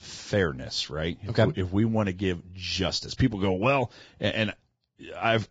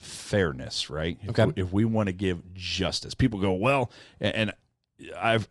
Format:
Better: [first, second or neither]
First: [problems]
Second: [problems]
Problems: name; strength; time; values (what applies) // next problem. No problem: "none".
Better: second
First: garbled, watery; badly; nothing above 7.5 kHz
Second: garbled, watery; slightly; nothing above 11 kHz